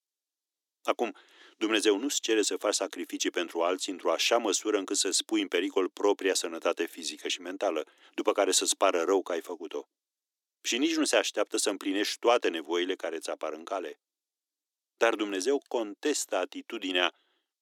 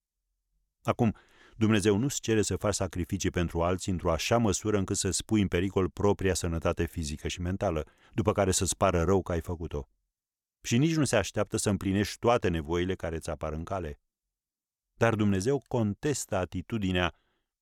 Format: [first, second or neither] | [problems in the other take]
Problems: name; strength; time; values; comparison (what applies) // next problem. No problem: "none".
second | thin; somewhat; fading below 300 Hz